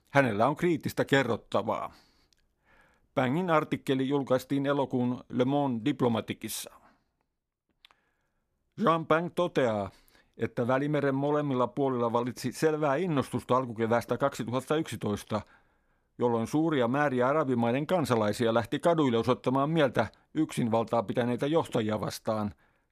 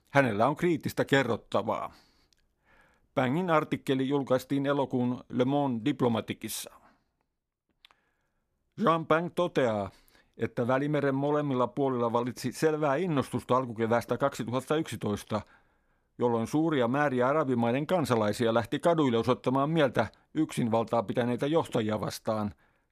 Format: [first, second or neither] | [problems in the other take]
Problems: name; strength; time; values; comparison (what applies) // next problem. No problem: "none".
neither | none